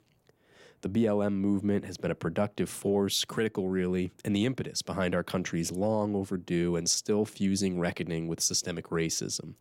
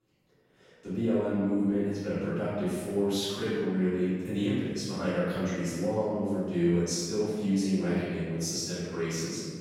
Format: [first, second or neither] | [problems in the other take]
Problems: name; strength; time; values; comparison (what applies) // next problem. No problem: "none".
first | off-mic speech; far // room echo; strong; dies away in 1.6 s